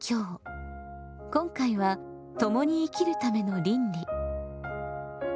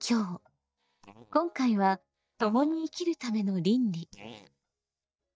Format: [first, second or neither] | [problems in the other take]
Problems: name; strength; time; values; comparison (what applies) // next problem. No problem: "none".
first | noise reduction (neural mask model DeepFilterNet 3)